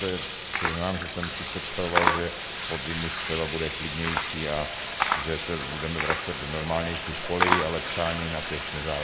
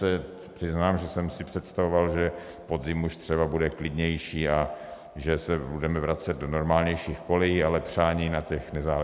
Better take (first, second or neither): second